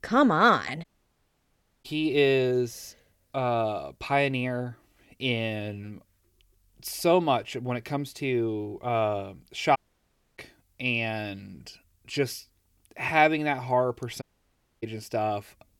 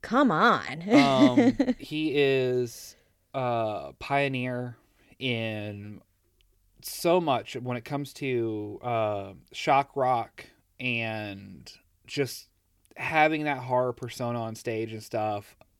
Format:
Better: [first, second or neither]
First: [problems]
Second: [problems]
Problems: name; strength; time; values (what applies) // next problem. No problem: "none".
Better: second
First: audio cutting out; at 1 s for 1 s, at 10 s for 0.5 s and at 14 s for 0.5 s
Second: none